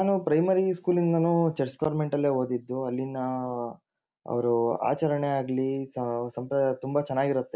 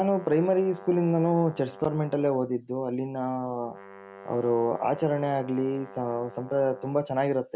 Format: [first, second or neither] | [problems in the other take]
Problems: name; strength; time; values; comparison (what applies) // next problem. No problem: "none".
first | background sound (Brass instrument); 19 dB below the speech